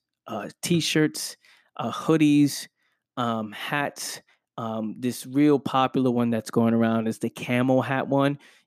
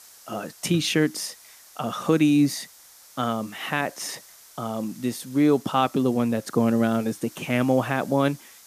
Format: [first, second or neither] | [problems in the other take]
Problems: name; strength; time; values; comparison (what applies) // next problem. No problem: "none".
first | hiss; faint; throughout; 20 dB below the speech